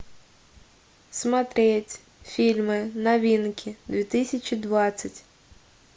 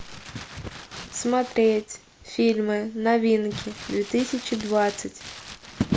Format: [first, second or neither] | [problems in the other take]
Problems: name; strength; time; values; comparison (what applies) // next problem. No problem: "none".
first | background sound (Crumpling, crinkling); 11 dB below the speech